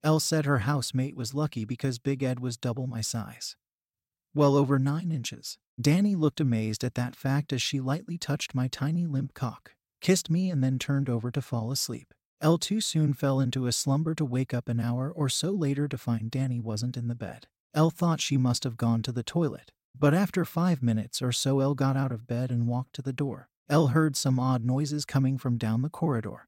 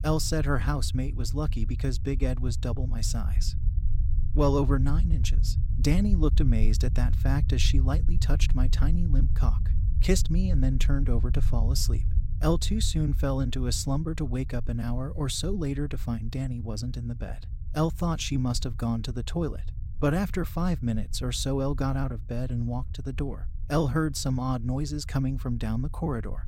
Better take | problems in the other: first | low rumble; noticeable; throughout; 15 dB below the speech

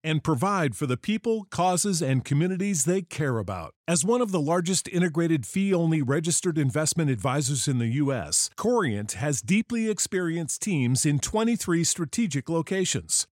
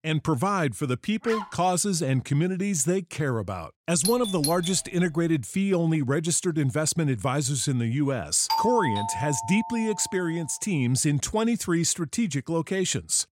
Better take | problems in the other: first | dog barking; noticeable; at 1 s; peak 9 dB below the speech // doorbell; noticeable; at 4 s and from 8.5 to 10 s; peak level with the speech

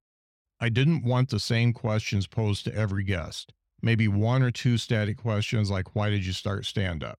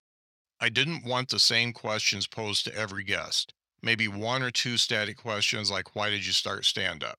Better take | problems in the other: first | thin; somewhat; fading below 1 kHz

